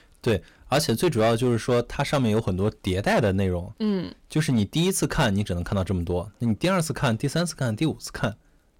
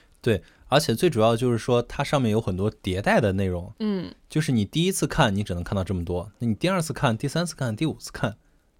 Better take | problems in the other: second | distortion; slight; 6% of the sound clipped

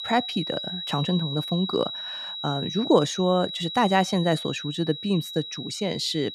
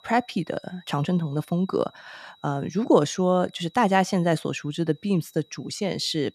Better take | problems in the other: second | high-pitched whine; loud; throughout; 4 kHz, 7 dB below the speech; faint in the second

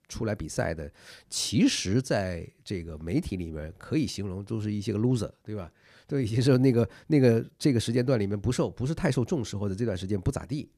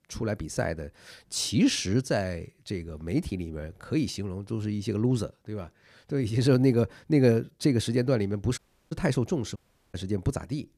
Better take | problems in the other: first | audio cutting out; at 8.5 s and at 9.5 s

